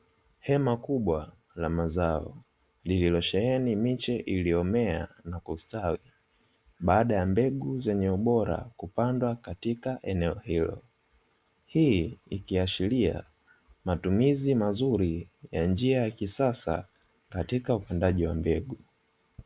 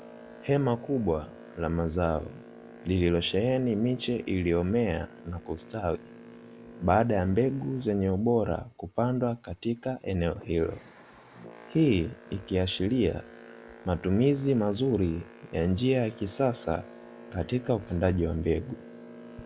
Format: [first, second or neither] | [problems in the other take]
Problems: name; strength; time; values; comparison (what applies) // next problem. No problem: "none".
first | background sound (Boat, Water vehicle); 20 dB below the speech